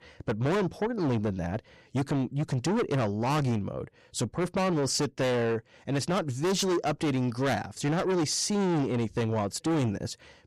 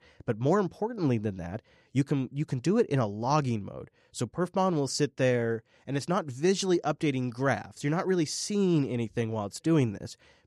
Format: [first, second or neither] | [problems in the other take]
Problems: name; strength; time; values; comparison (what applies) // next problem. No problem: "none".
second | distortion; heavy; 6 dB below the speech